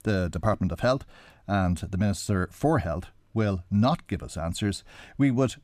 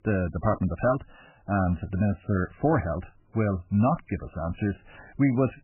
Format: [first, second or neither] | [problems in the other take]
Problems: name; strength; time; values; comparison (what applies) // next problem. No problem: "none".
first | garbled, watery; badly; nothing above 2.5 kHz